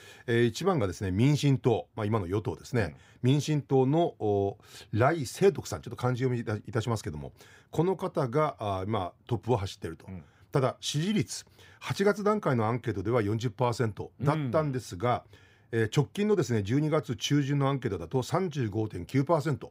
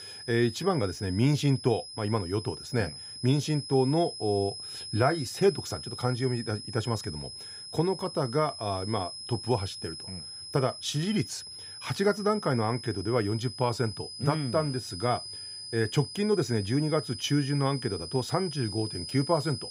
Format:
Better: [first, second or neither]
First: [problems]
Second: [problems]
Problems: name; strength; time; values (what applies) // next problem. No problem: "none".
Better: first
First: none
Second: high-pitched whine; loud; throughout; 5 kHz, 9 dB below the speech